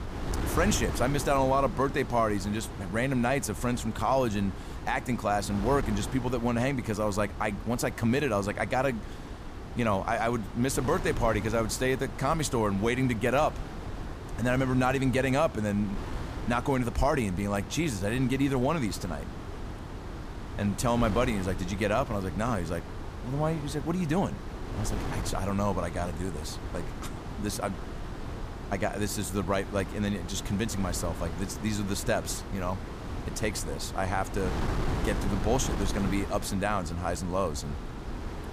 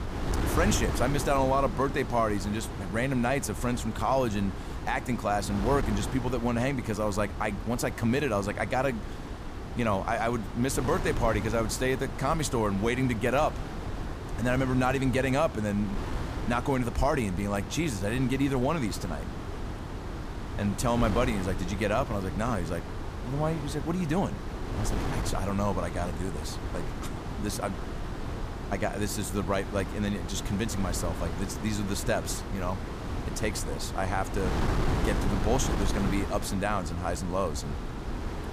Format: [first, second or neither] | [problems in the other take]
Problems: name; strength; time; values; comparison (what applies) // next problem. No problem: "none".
first | wind noise on the microphone; heavy; 9 dB below the speech; occasional gusts in the first